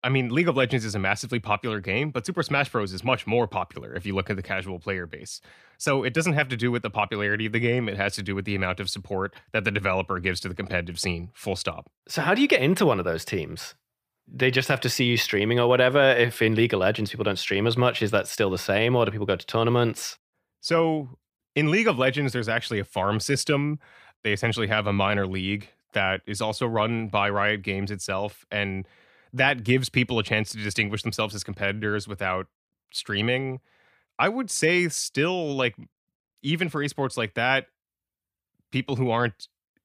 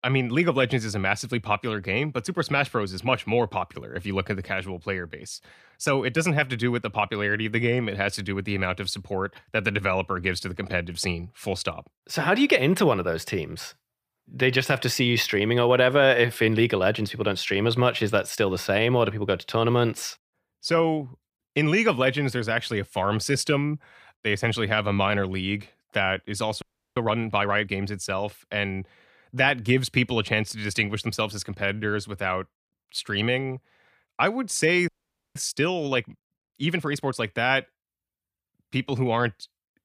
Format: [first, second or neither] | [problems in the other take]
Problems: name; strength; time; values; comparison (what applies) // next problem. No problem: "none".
first | audio freezing; at 27 s and at 35 s